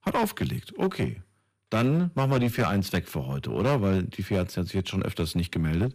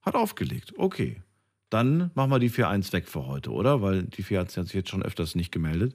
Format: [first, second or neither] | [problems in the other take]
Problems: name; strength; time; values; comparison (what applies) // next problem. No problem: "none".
second | distortion; slight; 8% of the sound clipped